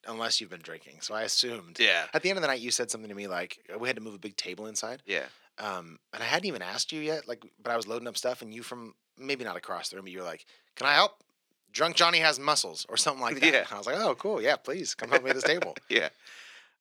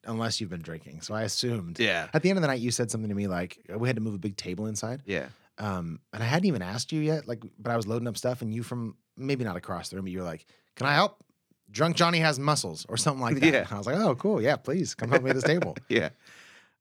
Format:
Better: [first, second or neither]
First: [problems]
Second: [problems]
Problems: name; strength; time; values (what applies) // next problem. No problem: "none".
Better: second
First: thin; somewhat; fading below 400 Hz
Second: none